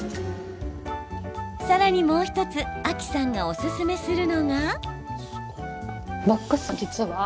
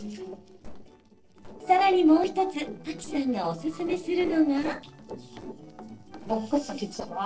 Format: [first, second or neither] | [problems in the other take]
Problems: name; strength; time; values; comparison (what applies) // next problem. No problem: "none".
first | noise reduction (neural separator model SepFormer DNS4)